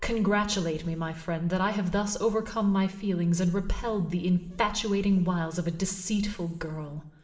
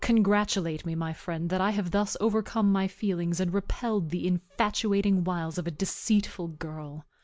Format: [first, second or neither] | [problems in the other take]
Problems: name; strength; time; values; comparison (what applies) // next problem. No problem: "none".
second | room echo; dies away in 1 s